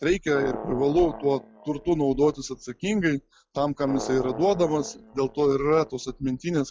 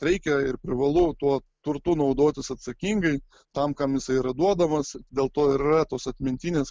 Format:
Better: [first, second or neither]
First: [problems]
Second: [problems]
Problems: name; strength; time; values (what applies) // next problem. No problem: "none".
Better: second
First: noise reduction (classical method log-MMSE)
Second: none